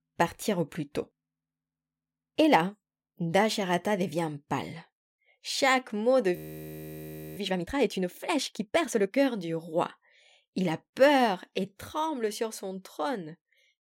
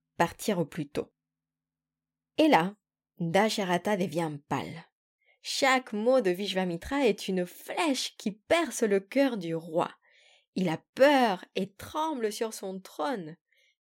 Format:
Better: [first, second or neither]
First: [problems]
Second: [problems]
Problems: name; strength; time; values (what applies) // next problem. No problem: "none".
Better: second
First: audio freezing; at 6.5 s for 1 s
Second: none